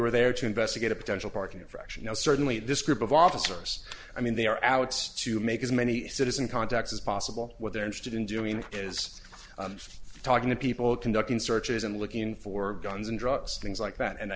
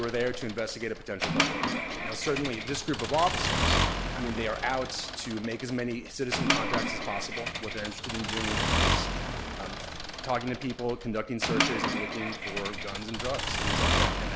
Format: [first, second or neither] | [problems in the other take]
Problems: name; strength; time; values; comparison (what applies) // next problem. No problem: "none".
first | background sound (Accelerating, revving, vroom / Mechanisms); 2 dB above the speech